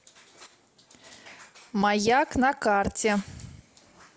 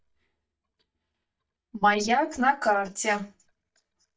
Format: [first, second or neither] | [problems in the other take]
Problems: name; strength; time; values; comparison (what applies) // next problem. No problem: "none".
first | noise reduction (neural mask model DeepFilterNet 3)